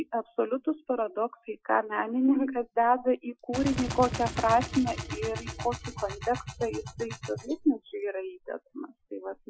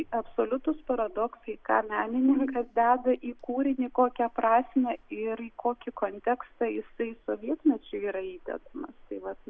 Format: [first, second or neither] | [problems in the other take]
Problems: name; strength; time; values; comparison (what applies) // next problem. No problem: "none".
second | noise reduction (classical method Wiener filter)